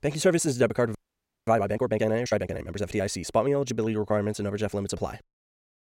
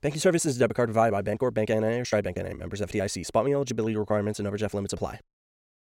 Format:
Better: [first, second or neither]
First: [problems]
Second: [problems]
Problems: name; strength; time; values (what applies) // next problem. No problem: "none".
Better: second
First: audio freezing; at 1 s for 0.5 s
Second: none